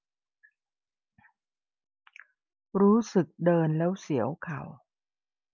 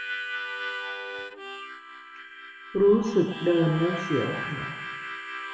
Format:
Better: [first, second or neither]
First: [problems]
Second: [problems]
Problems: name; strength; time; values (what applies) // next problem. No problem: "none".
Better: first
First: none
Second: background sound (Harmonica); 8 dB below the speech // room echo; dies away in 1.1 s